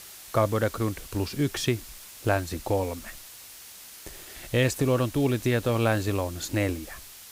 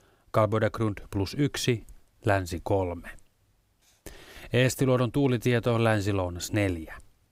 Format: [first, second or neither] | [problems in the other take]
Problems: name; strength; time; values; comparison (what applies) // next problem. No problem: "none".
second | hiss; noticeable; throughout; 15 dB below the speech